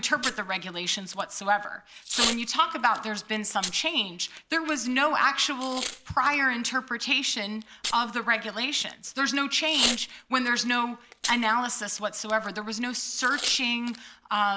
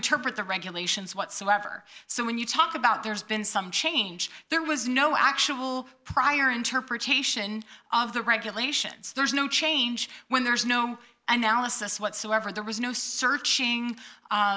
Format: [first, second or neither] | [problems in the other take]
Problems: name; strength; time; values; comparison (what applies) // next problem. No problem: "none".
second | background sound (Packing tape, duct tape / Tearing); 10 dB below the speech